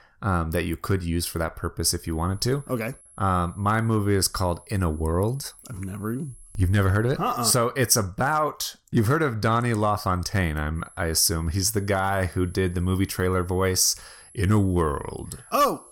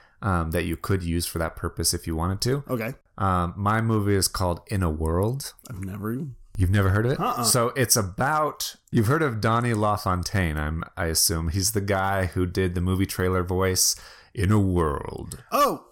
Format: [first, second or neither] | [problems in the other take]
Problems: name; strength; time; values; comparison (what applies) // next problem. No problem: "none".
second | high-pitched whine; faint; from 2 to 7 s and from 11 s on; 11 kHz, 25 dB below the speech